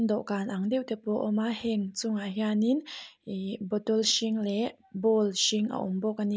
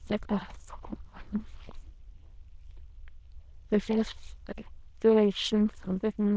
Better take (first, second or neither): first